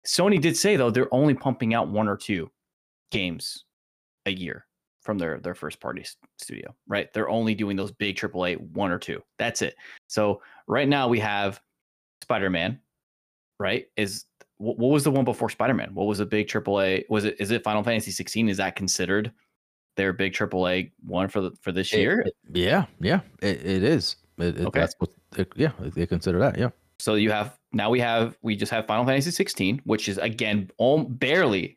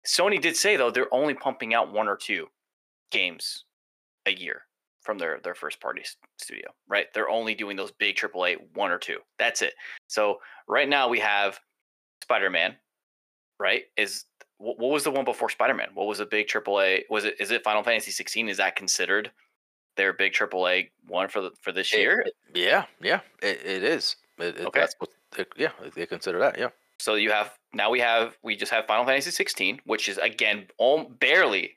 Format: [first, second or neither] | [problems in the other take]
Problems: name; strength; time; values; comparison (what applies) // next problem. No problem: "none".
first | thin; very; fading below 550 Hz